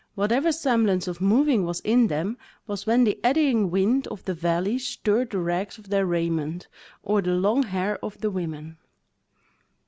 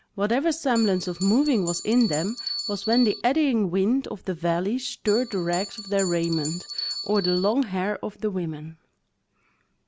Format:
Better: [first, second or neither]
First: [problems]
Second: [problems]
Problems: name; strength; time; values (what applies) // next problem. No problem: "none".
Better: first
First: none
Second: background sound (Bell); 9 dB below the speech